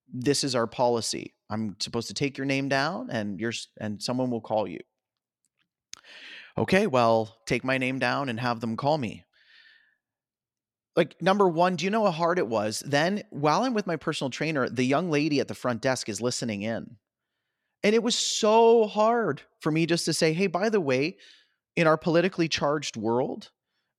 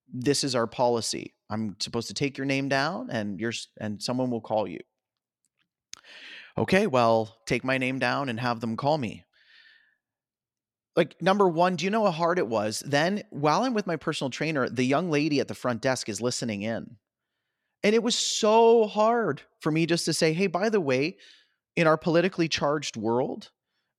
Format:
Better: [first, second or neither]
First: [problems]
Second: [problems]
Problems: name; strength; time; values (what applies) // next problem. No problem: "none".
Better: neither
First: none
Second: none